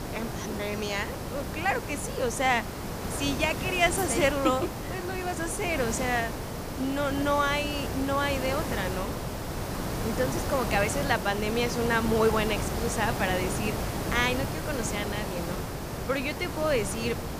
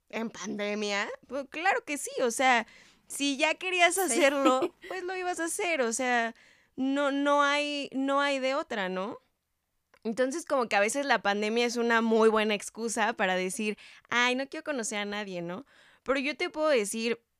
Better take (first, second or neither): second